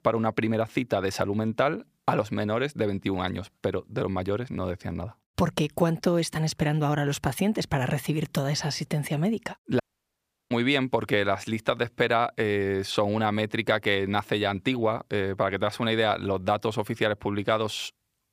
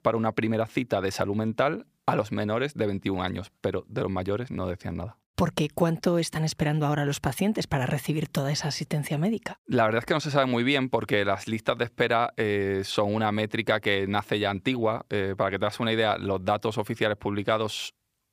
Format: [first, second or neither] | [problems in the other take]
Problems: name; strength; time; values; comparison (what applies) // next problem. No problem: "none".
second | audio cutting out; at 10 s for 0.5 s